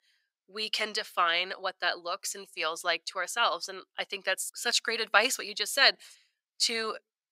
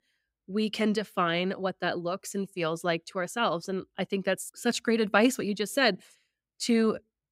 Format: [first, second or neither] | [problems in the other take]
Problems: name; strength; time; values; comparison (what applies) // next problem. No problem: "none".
second | thin; very; fading below 850 Hz